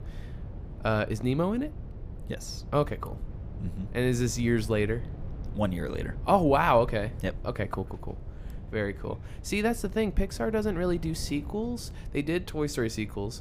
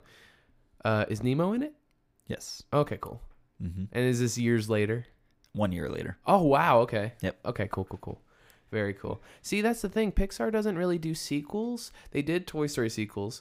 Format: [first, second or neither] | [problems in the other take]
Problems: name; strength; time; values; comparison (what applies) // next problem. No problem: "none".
second | wind noise on the microphone; occasional gusts; 20 dB below the speech